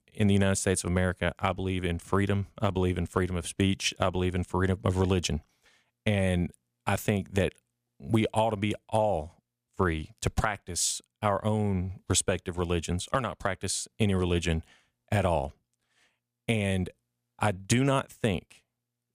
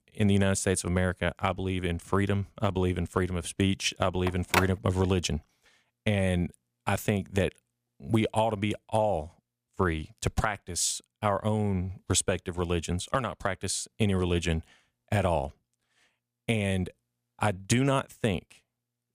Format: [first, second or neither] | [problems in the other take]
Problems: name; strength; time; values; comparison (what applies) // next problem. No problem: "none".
first | phone ringing; loud; at 4.5 s; peak 1 dB above the speech